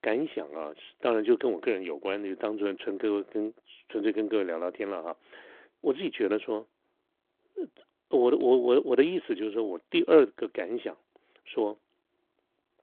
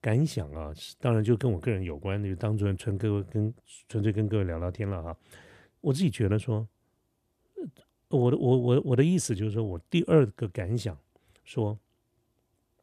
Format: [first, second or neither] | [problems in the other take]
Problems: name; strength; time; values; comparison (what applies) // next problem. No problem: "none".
second | phone-call audio; nothing above 8.5 kHz